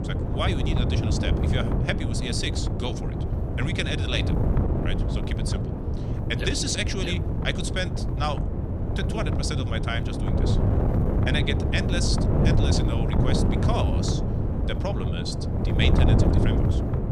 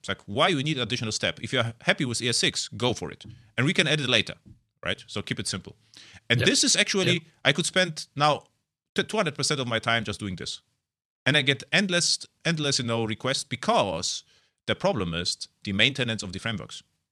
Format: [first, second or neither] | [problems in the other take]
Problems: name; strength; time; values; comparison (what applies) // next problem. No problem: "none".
second | wind noise on the microphone; heavy; 2 dB below the speech